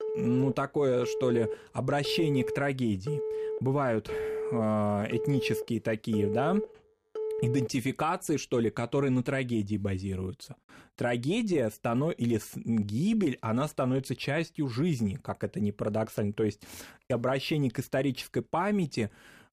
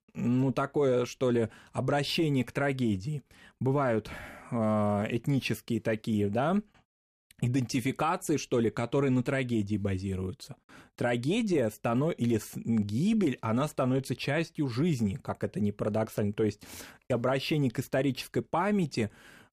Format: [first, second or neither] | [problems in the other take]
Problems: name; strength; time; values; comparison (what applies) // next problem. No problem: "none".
second | phone ringing; noticeable; until 7.5 s; peak 3 dB below the speech